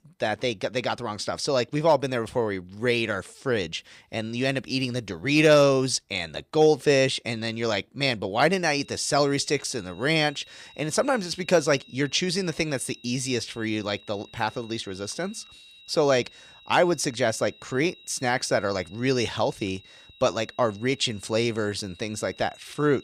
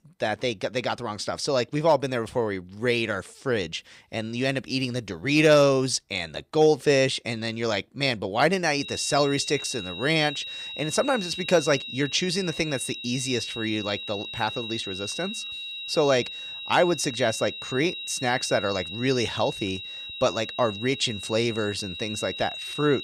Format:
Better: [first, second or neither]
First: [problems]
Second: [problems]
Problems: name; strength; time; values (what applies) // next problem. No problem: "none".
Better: first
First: high-pitched whine; faint; from 9 s on; 4 kHz, 25 dB below the speech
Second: high-pitched whine; loud; from 9 s on; 4 kHz, 8 dB below the speech